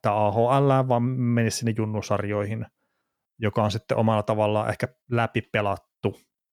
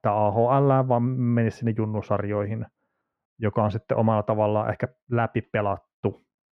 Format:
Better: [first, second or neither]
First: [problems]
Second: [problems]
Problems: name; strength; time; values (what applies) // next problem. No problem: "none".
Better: first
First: none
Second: muffled; very; fading above 3.5 kHz